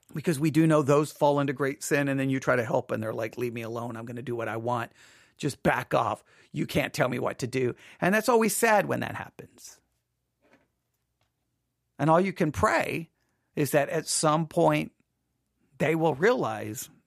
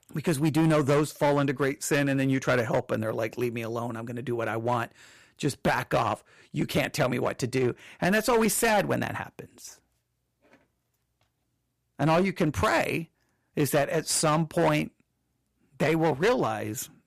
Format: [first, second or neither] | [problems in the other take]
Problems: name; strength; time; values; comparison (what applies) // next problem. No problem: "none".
first | distortion; slight; 8% of the sound clipped